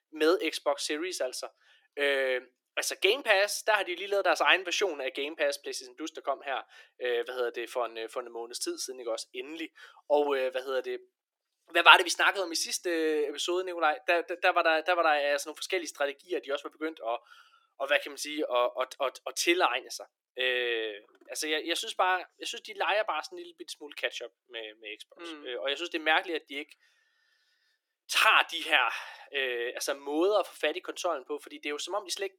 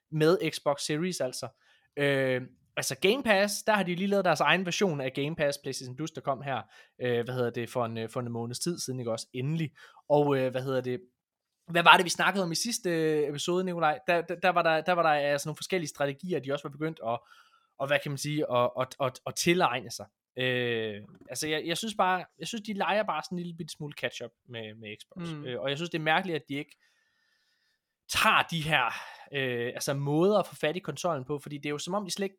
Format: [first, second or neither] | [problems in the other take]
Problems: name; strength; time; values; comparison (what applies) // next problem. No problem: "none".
second | thin; very; fading below 300 Hz